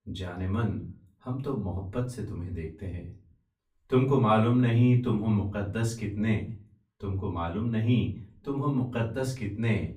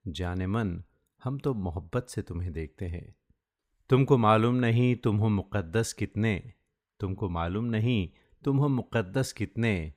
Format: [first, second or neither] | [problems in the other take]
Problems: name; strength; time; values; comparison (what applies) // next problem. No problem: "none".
second | off-mic speech; far // room echo; very slight; dies away in 0.3 s